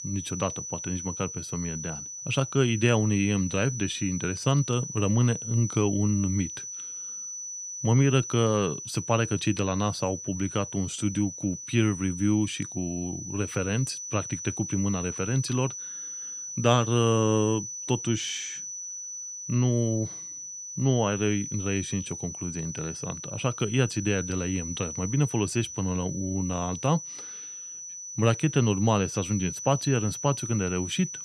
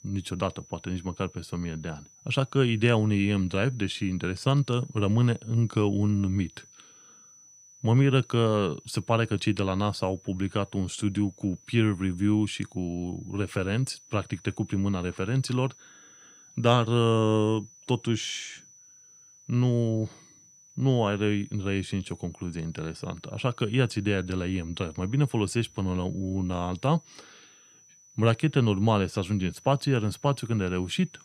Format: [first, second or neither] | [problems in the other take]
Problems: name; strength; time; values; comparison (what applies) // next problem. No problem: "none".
second | high-pitched whine; loud; throughout; 6 kHz, 8 dB below the speech; faint in the second